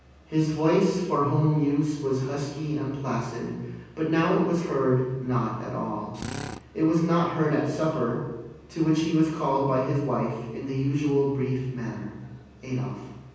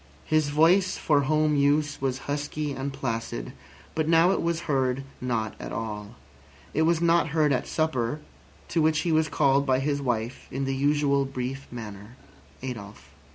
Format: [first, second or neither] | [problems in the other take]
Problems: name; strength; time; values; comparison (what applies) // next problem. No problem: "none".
second | background sound (Drill); 10 dB below the speech // room echo; dies away in 1.1 s